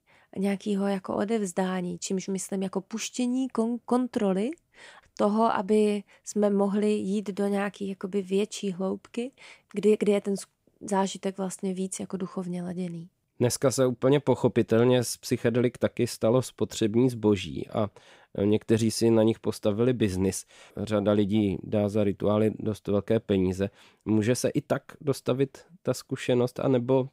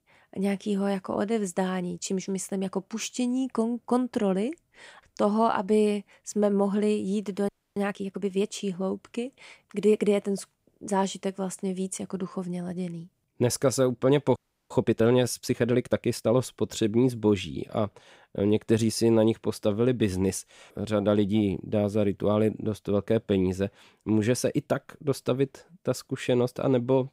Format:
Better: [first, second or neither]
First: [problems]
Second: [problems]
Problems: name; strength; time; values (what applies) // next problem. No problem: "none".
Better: first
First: none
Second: audio freezing; at 7.5 s and at 14 s